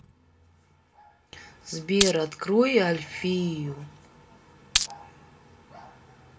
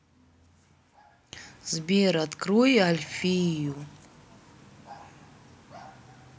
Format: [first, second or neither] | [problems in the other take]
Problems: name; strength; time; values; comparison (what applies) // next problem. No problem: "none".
second | background sound (Glass); 2 dB above the speech // room echo; dies away in 0.2 s